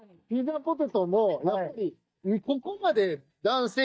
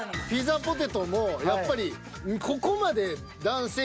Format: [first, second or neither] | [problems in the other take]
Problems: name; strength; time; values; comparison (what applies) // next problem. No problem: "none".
second | noise reduction (neural mask model DeepFilterNet 3)